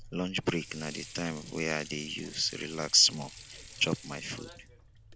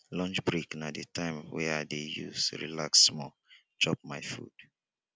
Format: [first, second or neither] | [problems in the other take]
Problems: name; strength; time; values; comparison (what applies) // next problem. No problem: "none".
second | background sound (Sink (filling or washing) / Water); 16 dB below the speech